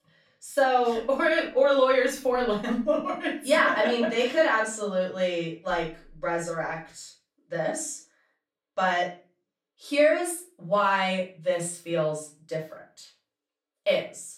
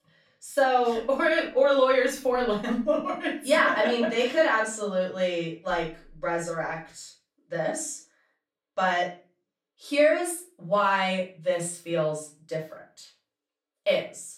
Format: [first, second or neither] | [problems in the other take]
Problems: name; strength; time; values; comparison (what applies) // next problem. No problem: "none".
neither | off-mic speech; far; the same in both // room echo; slight; dies away in 0.3 s; the same in both